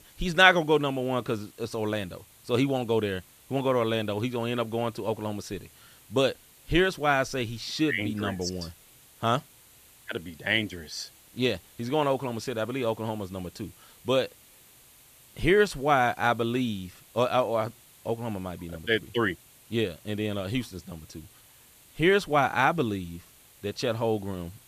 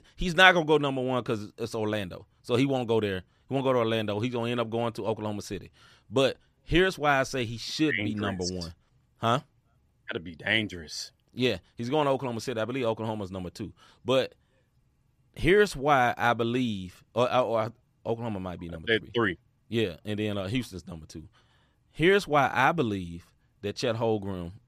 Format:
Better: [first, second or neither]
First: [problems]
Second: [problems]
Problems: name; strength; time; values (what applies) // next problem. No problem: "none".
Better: second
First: hiss; faint; throughout; 25 dB below the speech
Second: none